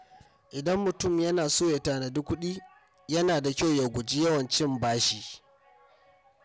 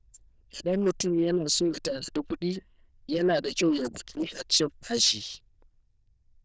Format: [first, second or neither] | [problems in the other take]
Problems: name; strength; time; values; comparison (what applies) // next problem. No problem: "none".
first | noise reduction (neural diffusion model UNIVERSE++)